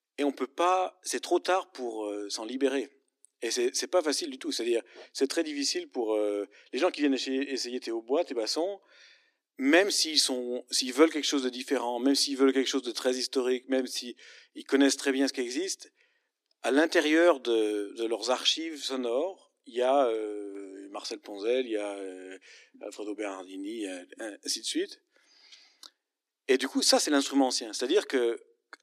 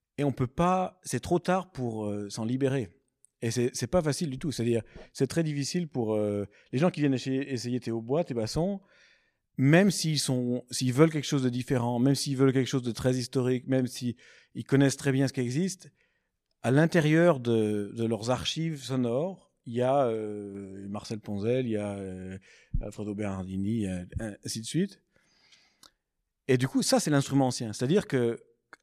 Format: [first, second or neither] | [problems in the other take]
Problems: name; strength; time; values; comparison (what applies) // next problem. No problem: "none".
second | thin; very slightly; fading below 250 Hz